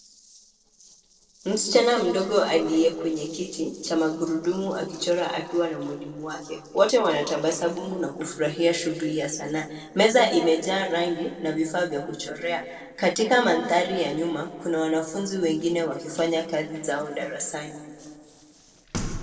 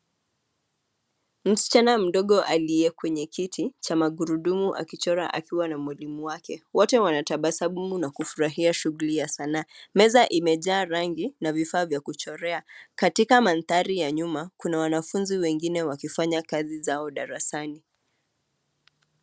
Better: second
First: noise reduction (neural separator model SepFormer DNS4)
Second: none

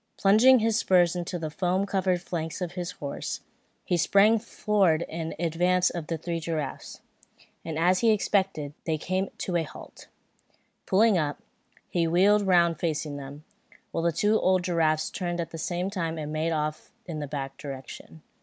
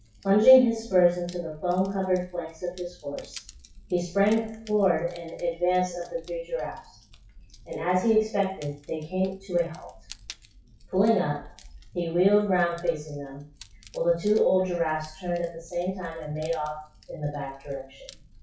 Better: first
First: none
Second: noise reduction (classical method WPE with log-MMSE)

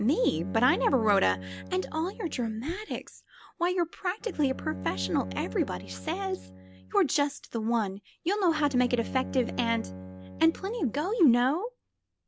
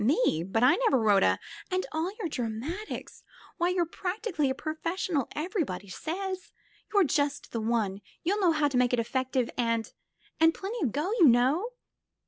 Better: second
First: background sound (Bowed string instrument); 13 dB below the speech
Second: none

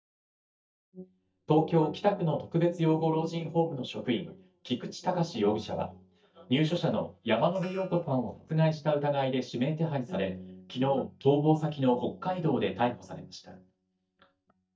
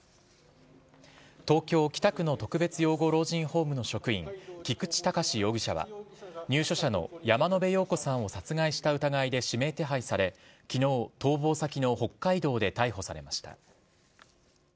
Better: second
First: noise reduction (neural mask model DeepFilterNet 3)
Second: none

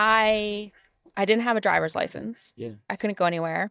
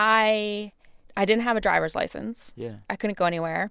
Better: second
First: noise reduction (neural mask model DeepFilterNet 3)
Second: none

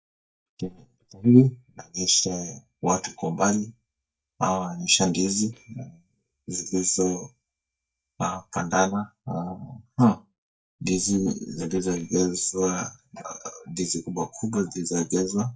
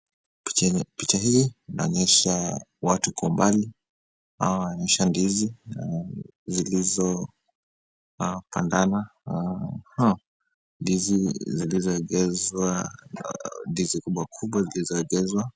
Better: second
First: noise reduction (neural mask model DeepFilterNet 3)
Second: none

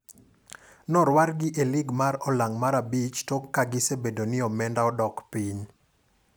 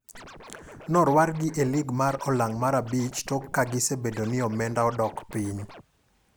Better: first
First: none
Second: background sound (Scratching (performance technique)); 19 dB below the speech

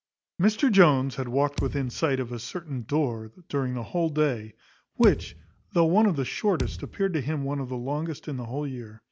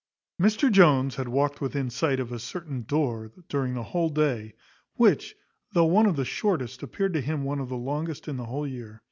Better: second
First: background sound (Thump, thud); 11 dB below the speech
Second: none

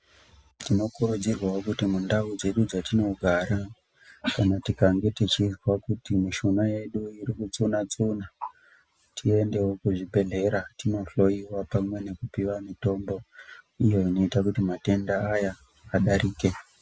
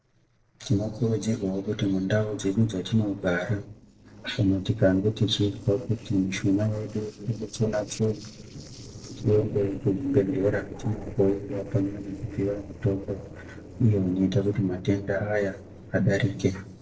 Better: first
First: none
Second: noise reduction (neural separator model SepFormer DNS4)

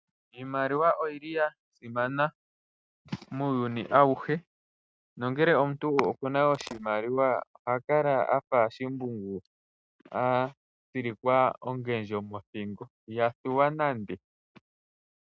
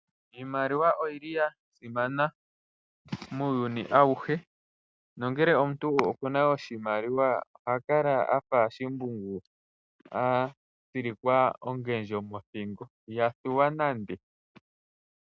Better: second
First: noise reduction (neural mask model RNNoise)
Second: none

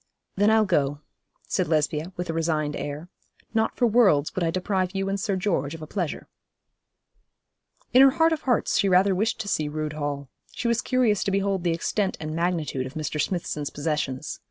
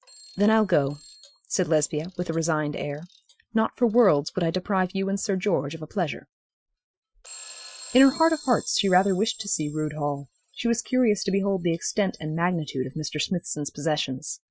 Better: first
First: none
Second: noise reduction (classical method Wiener filter)

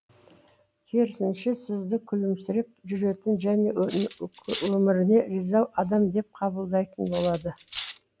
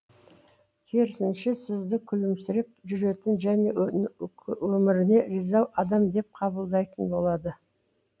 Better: second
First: background sound (Cutlery, silverware); 15 dB below the speech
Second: none

